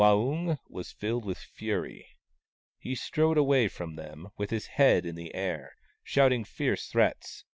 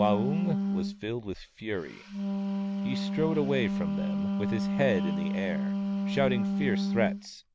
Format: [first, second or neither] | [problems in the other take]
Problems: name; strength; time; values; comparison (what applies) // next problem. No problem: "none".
first | background sound (Wind instrument, woodwind instrument); 2 dB above the speech